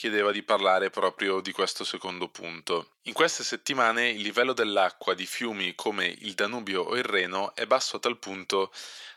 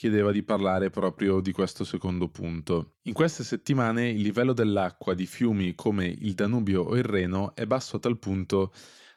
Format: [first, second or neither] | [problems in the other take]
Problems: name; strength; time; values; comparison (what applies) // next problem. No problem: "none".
second | thin; very; fading below 650 Hz